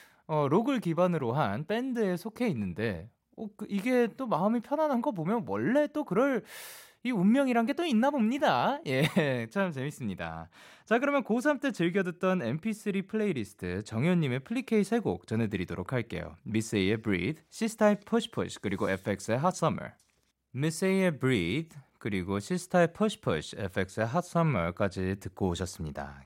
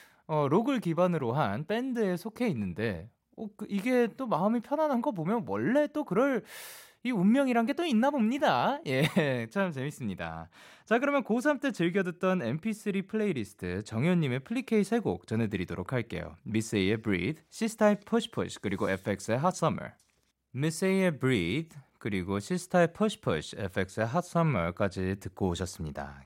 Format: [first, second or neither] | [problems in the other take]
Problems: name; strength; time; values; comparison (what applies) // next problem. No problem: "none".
neither | none